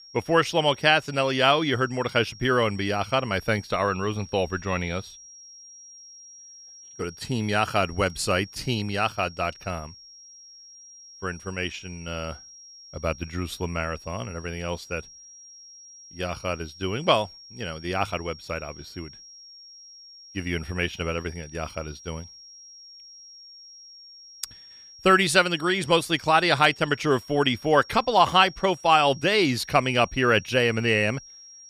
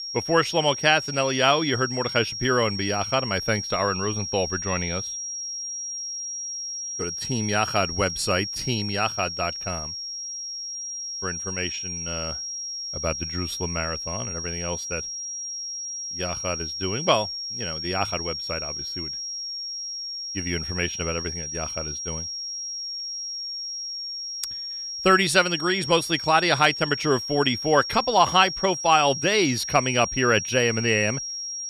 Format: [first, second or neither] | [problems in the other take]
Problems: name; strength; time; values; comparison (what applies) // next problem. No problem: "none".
first | high-pitched whine; loud; throughout; 5.5 kHz, 6 dB below the speech; faint in the first